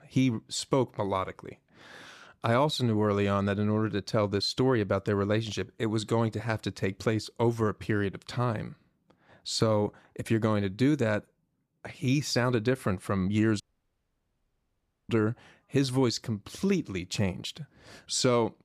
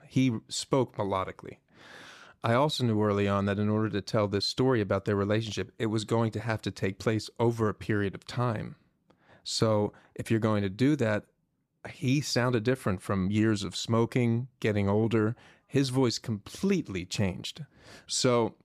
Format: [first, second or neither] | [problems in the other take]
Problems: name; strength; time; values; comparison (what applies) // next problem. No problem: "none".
second | audio cutting out; at 14 s for 1.5 s